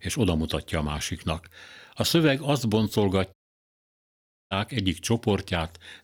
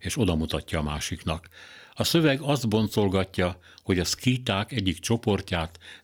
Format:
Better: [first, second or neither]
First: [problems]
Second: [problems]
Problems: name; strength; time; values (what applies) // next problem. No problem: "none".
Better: second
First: audio cutting out; at 3.5 s for 1 s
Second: none